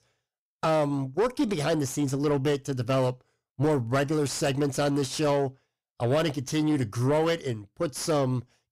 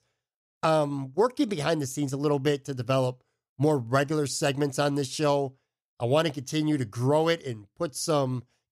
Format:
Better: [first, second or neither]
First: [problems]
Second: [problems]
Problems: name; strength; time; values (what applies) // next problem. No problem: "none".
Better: second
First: distortion; slight; 10 dB below the speech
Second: none